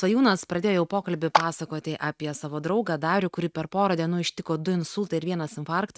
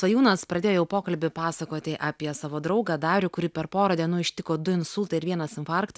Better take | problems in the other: second | noise reduction (neural mask model RNNoise)

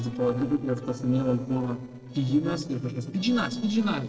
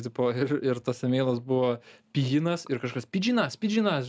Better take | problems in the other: second | noise reduction (neural separator model SepFormer DNS4)

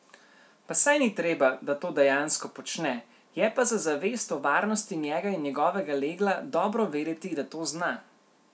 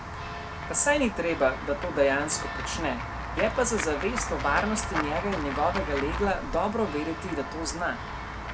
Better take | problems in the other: first | background sound (Walk, footsteps / Run / Bell); 5 dB below the speech

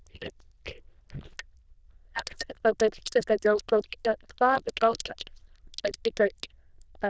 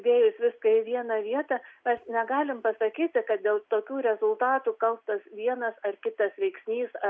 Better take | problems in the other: second | noise reduction (neural diffusion model UNIVERSE++)

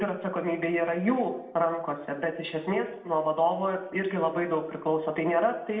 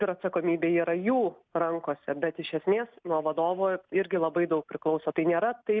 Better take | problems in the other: second | room echo; dies away in 0.7 s

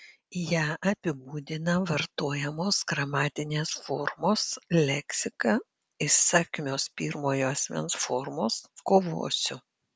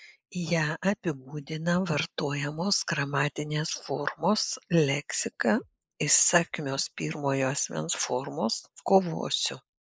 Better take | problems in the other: first | noise reduction (neural mask model Resemble Enhance denoiser)

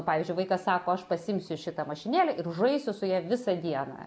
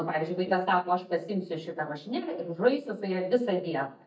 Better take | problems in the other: first | noise reduction (neural mask model DeepFilterNet 3)

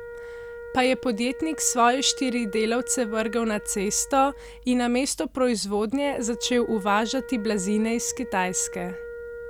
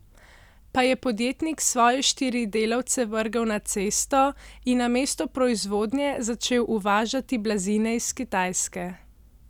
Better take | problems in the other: second | background sound (Wind instrument, woodwind instrument); 13 dB below the speech

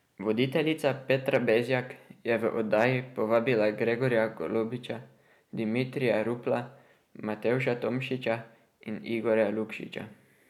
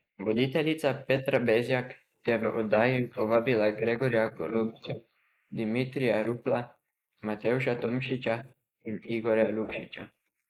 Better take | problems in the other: first | noise reduction (neural mask model Resemble Enhance denoiser)

